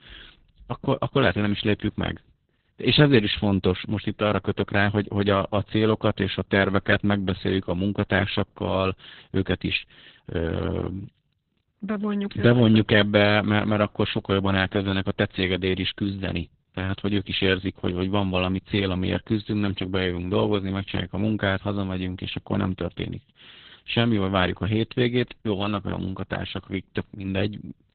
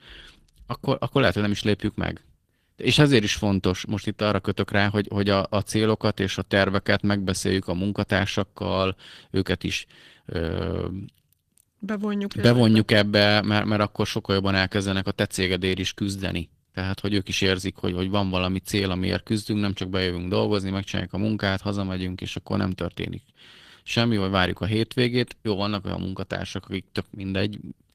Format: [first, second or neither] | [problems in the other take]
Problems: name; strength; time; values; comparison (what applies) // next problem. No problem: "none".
second | garbled, watery; badly; nothing above 4 kHz; slightly in the second